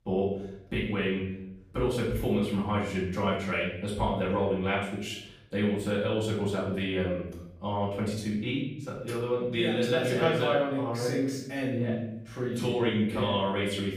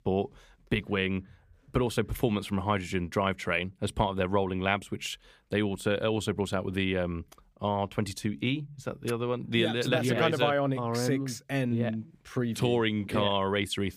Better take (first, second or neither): second